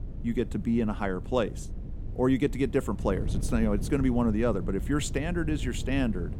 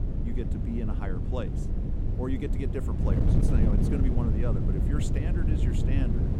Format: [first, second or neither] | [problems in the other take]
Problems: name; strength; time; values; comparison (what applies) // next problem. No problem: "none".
first | wind noise on the microphone; heavy; as loud as the speech; occasional gusts in the first